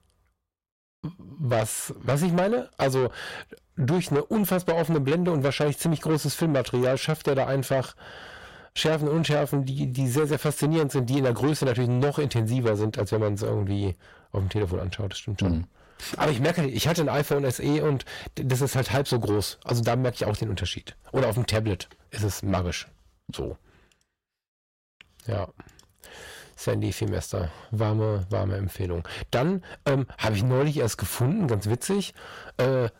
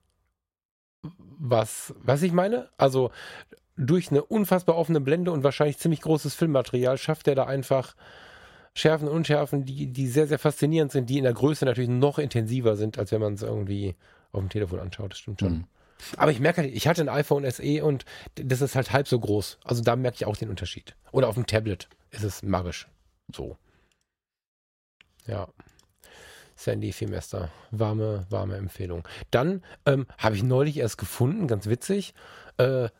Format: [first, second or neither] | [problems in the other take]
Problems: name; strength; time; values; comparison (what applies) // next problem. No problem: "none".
second | distortion; heavy; 7 dB below the speech